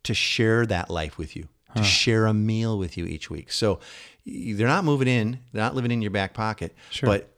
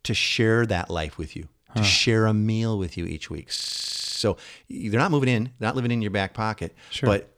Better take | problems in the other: first | audio freezing; at 3.5 s for 0.5 s

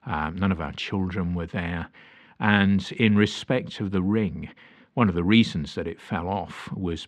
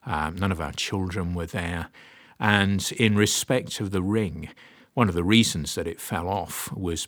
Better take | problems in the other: second | muffled; slightly; fading above 3 kHz

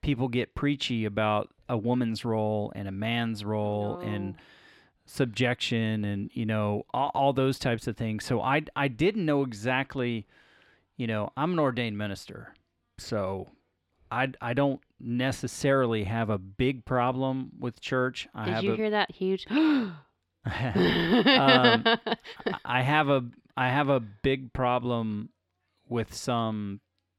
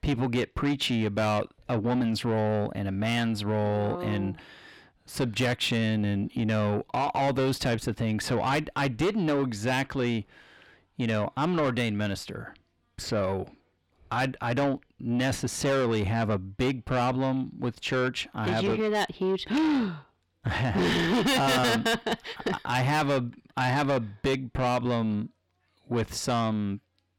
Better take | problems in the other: first | distortion; heavy; 7 dB below the speech

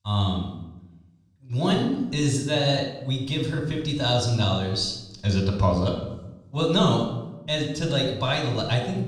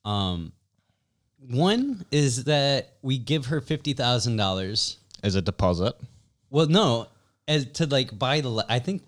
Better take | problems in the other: second | off-mic speech; somewhat distant // room echo; noticeable; dies away in 0.8 s

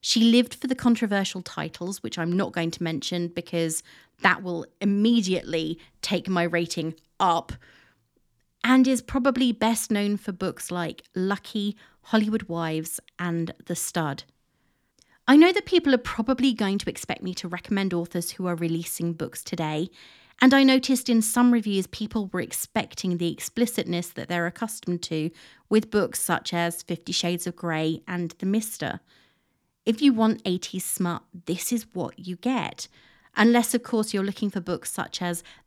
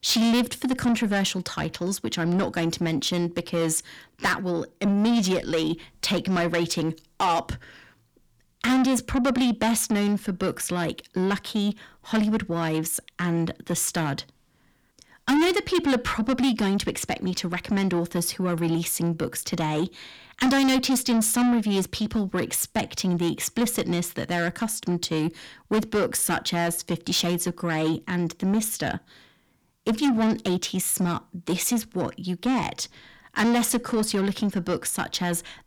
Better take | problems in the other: first | distortion; heavy; 6 dB below the speech

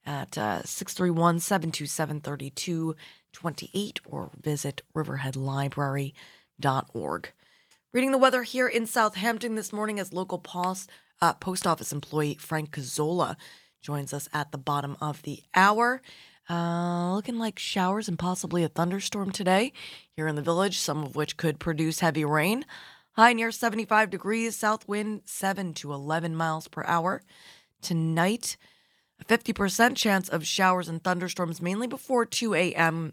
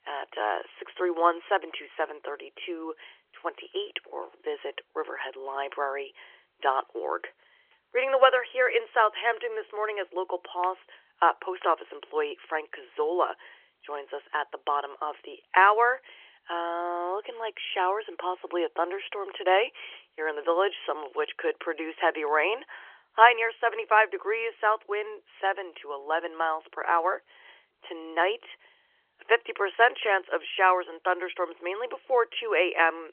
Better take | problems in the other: first | phone-call audio; nothing above 3.5 kHz

